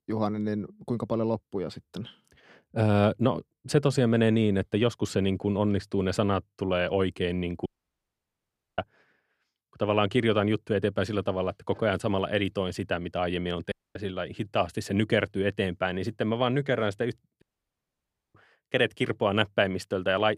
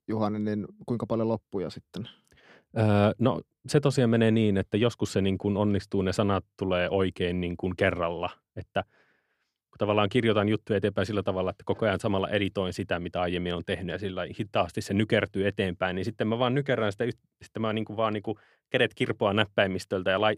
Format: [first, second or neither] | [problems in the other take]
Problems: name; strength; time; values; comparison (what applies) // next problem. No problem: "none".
second | audio cutting out; at 7.5 s for 1 s, at 14 s and at 17 s for 1 s